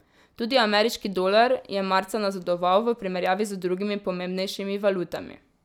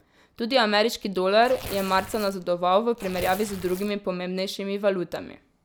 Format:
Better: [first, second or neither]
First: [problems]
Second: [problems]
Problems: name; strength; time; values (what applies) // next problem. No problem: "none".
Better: first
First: none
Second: background sound (Tearing); 16 dB below the speech